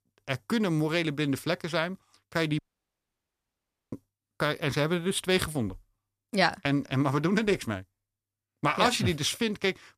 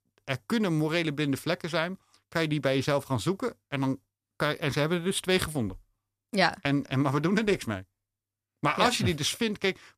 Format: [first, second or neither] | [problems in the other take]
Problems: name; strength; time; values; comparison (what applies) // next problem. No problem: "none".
second | audio cutting out; at 2.5 s for 1.5 s